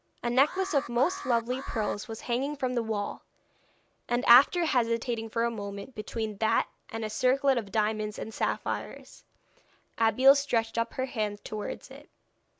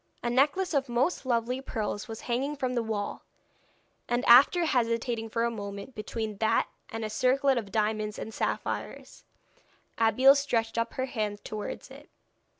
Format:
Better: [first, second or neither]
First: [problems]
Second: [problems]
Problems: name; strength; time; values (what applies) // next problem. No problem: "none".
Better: second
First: background sound (Alarm); 12 dB below the speech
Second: none